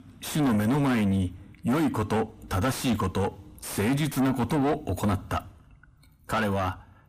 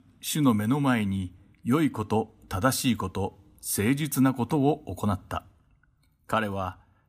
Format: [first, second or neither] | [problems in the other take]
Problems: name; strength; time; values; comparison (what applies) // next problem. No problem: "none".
second | distortion; heavy; 6 dB below the speech